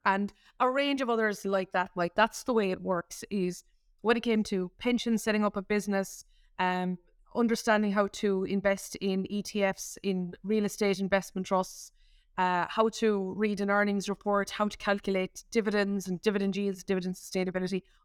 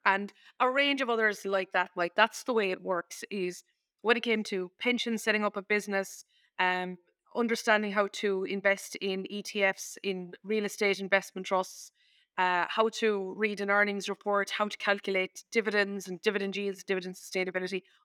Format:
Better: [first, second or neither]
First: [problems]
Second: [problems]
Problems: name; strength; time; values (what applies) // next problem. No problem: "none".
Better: first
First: none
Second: thin; very slightly; fading below 300 Hz